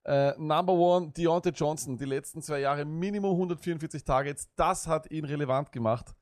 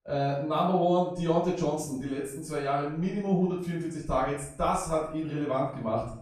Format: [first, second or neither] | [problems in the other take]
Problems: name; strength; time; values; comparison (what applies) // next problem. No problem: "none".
first | off-mic speech; far // room echo; noticeable; dies away in 0.5 s